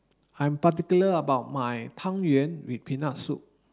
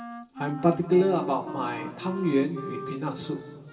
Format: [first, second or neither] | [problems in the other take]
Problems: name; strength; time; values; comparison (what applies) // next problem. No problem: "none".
first | background sound (Wind instrument, woodwind instrument); 12 dB below the speech // room echo; dies away in 2.5 s